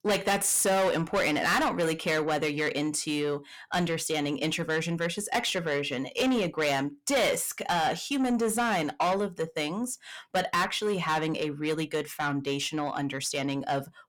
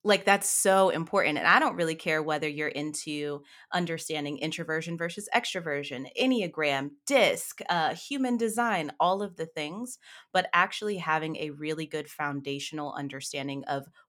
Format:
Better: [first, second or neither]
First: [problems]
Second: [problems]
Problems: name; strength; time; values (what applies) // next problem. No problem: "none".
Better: second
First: distortion; heavy; 6 dB below the speech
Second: none